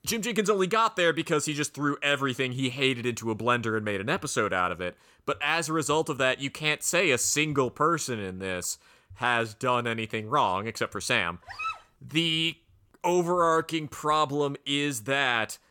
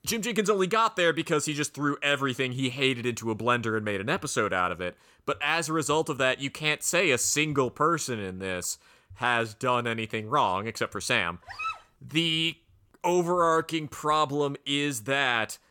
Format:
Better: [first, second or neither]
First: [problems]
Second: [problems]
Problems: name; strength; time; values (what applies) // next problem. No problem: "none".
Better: neither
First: dog barking; noticeable; at 11 s; peak 7 dB below the speech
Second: dog barking; noticeable; at 11 s; peak 7 dB below the speech